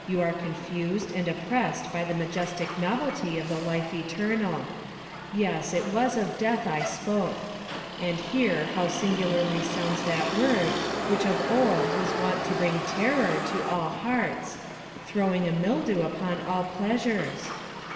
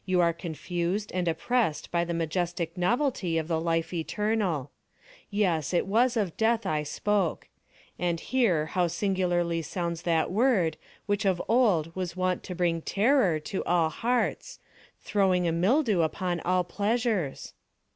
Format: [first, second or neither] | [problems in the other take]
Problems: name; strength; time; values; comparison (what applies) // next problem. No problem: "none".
second | background sound (Motor vehicle (road)); 6 dB below the speech // room echo; dies away in 2.1 s